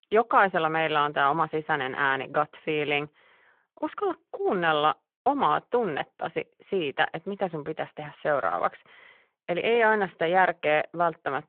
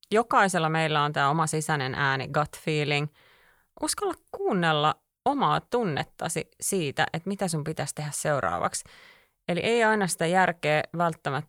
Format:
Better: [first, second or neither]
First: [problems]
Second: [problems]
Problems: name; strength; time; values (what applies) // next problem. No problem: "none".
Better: second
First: phone-call audio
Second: none